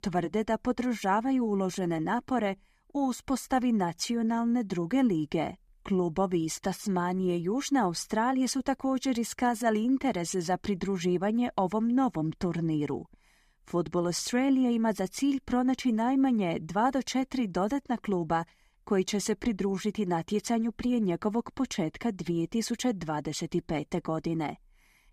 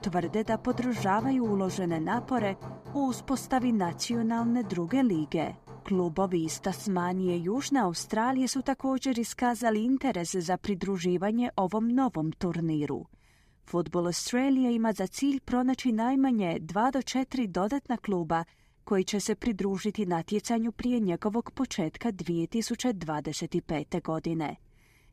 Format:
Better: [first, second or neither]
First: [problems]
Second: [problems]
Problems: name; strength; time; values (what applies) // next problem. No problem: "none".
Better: first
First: none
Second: machinery noise; noticeable; throughout; 15 dB below the speech